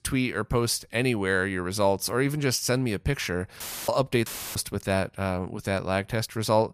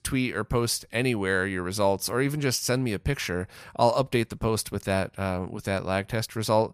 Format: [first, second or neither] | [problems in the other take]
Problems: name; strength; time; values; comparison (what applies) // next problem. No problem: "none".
second | audio cutting out; filled with static; at 3.5 s and at 4.5 s